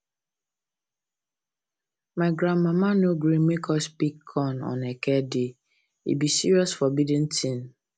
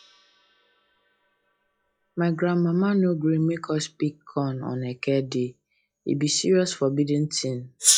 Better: first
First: none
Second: noise reduction (classical method log-MMSE)

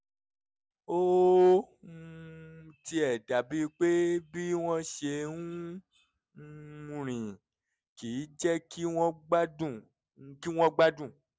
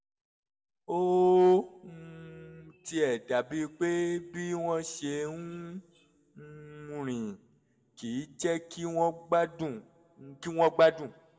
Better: first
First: none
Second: room echo; dies away in 1.8 s

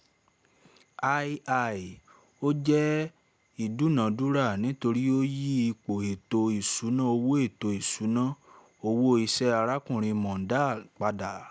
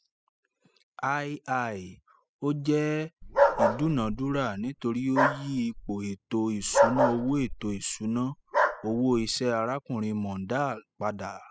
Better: first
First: none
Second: noise reduction (classical method spectral subtraction)

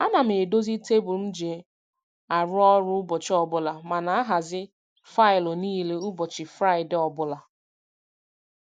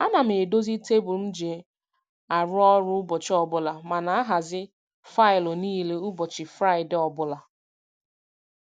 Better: second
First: noise reduction (neural mask model Resemble Enhance denoiser)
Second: none

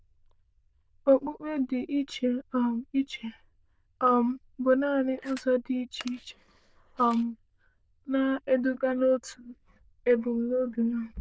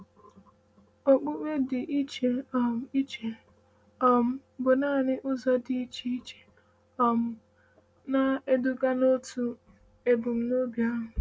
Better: second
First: noise reduction (neural diffusion model UNIVERSE++)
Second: none

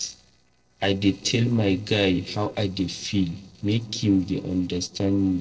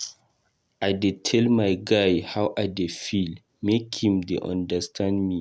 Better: second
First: noise reduction (neural separator model SepFormer DNS4)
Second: none

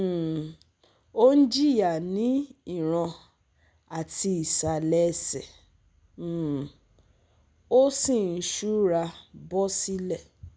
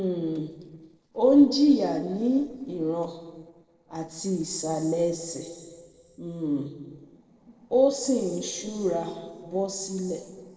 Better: first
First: none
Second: noise reduction (neural separator model SepFormer DNS4)

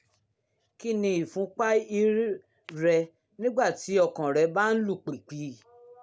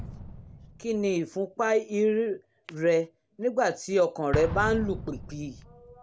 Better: first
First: none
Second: background sound (Explosion); 11 dB below the speech

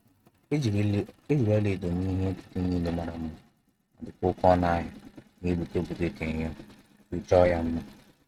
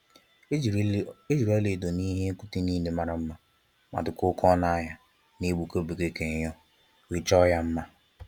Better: second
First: noise reduction (neural mask model RNNoise)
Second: none

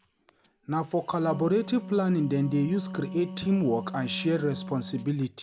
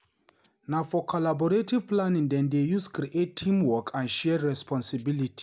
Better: second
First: background sound (Wind instrument, woodwind instrument); 12 dB below the speech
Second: none

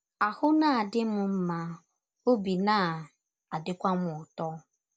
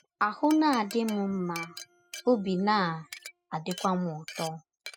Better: first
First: none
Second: noise reduction (classical method spectral subtraction)

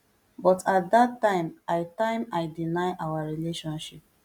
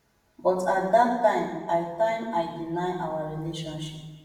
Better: first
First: none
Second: room echo; dies away in 1.1 s

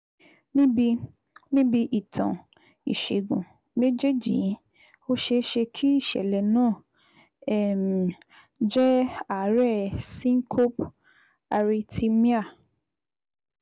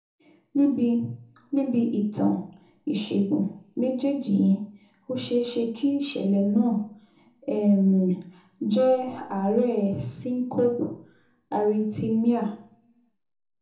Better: first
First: none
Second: room echo; dies away in 0.9 s

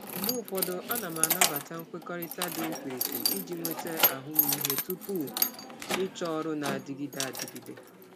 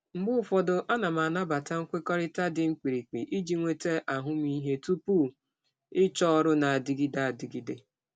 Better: second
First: background sound (Keys jangling); 4 dB above the speech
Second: none

